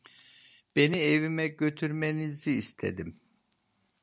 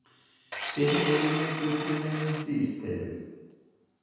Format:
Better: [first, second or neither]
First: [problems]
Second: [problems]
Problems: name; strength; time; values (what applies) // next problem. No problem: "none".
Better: first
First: none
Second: background sound (Tools); 6 dB below the speech // room echo; dies away in 1.2 s